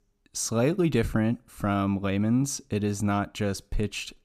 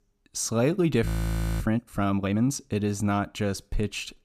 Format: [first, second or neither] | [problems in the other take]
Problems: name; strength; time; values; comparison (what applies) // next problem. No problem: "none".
first | audio freezing; at 1 s for 0.5 s